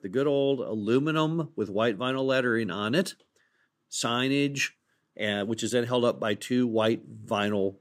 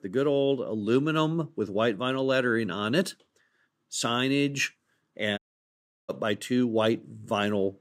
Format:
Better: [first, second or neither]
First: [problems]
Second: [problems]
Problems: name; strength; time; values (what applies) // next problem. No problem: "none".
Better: first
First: none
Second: audio cutting out; at 5.5 s for 0.5 s